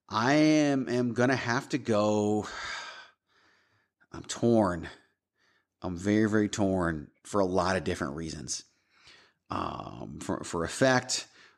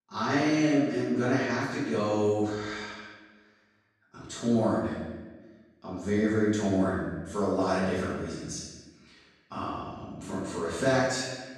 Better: first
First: none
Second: off-mic speech; far // room echo; strong; dies away in 1.1 s

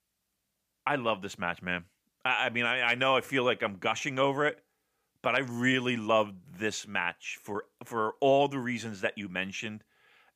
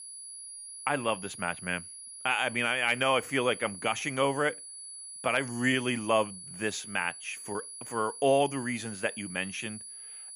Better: first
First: none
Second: high-pitched whine; noticeable; throughout; 10.5 kHz, 10 dB below the speech

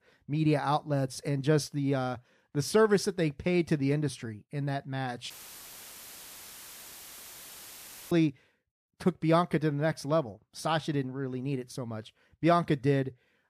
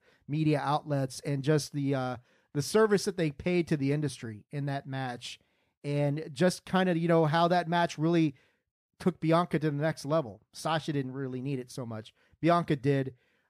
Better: second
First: audio cutting out; filled with static; at 5.5 s for 3 s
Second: none

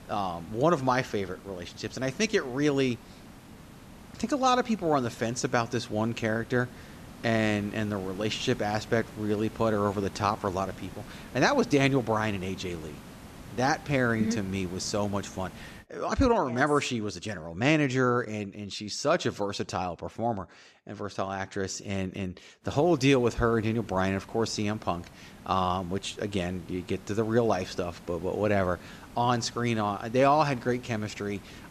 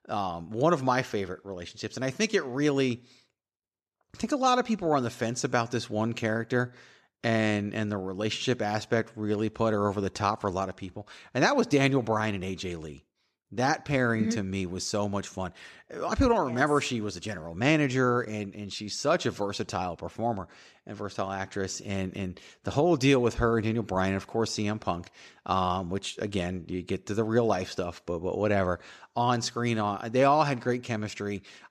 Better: second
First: hiss; noticeable; until 16 s and from 23 s on; 20 dB below the speech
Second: none

